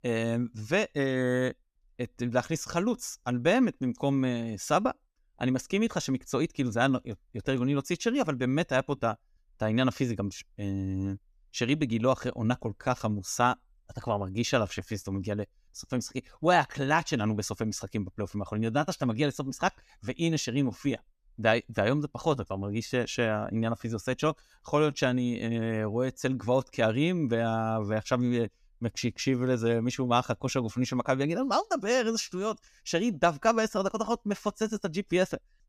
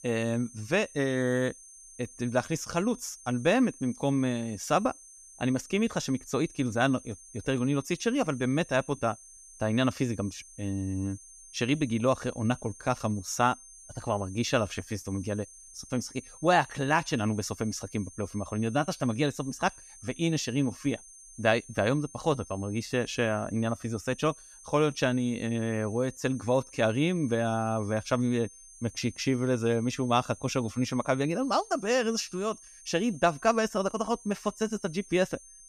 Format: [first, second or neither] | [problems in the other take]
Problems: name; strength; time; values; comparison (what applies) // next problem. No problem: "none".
first | high-pitched whine; noticeable; throughout; 6.5 kHz, 20 dB below the speech